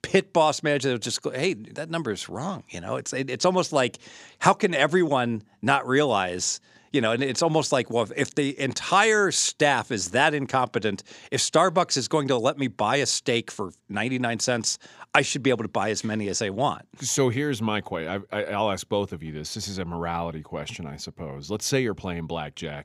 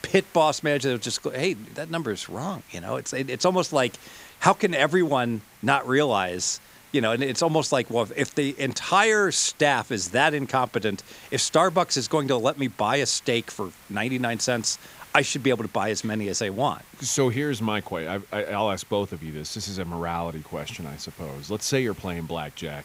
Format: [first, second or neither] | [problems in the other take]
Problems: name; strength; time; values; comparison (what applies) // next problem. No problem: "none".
first | hiss; faint; throughout; 25 dB below the speech